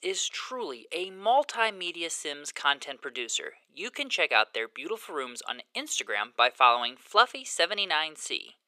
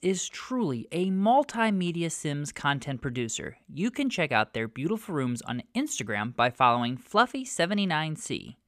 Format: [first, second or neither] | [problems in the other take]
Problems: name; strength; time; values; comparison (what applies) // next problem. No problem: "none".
second | thin; very; fading below 450 Hz